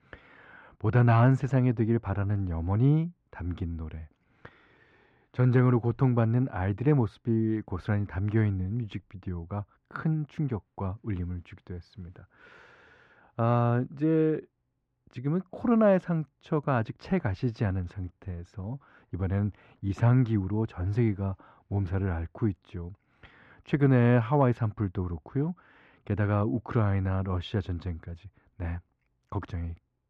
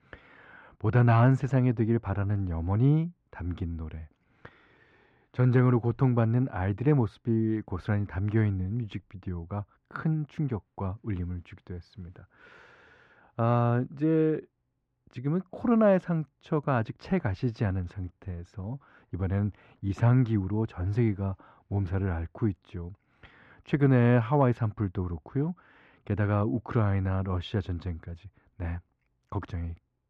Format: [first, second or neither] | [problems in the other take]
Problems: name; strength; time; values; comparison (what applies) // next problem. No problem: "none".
neither | muffled; very; fading above 2 kHz; the same in both